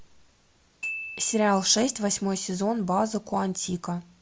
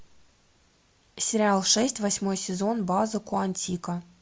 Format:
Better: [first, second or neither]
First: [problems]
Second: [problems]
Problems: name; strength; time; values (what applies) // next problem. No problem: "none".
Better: second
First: background sound (Glockenspiel); 15 dB below the speech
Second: none